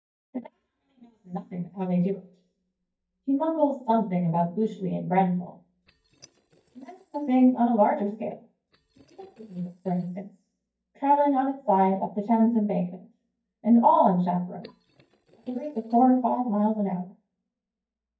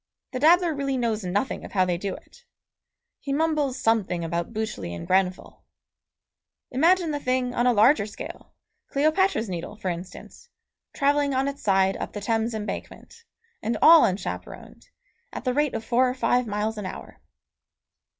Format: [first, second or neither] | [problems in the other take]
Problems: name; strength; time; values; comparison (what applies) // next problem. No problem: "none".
second | noise reduction (neural mask model DeepFilterNet 3)